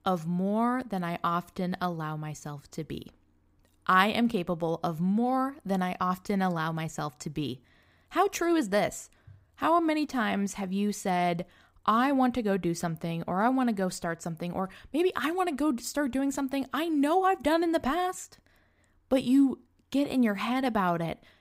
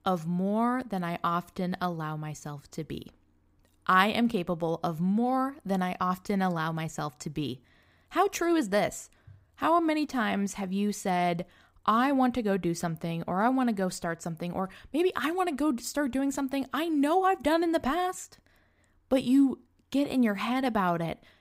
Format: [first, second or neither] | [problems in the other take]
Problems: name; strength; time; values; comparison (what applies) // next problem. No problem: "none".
neither | none